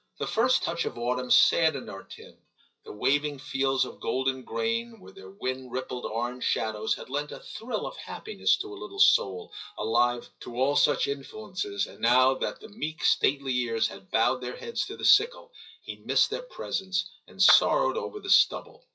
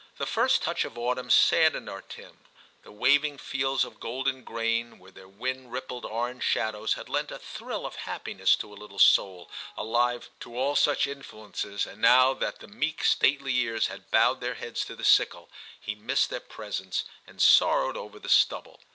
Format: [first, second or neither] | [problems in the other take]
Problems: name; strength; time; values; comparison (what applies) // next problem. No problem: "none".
second | noise reduction (classical method WPE with log-MMSE)